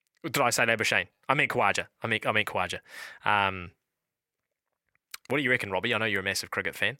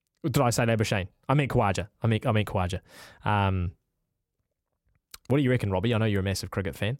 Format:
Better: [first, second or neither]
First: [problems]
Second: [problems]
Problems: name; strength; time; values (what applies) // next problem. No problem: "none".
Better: second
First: thin; somewhat; fading below 700 Hz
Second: none